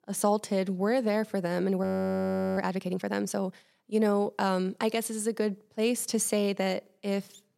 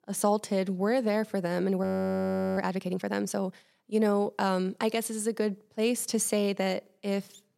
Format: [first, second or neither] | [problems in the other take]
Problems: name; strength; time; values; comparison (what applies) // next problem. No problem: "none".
neither | audio freezing; at 2 s for 0.5 s; the same in both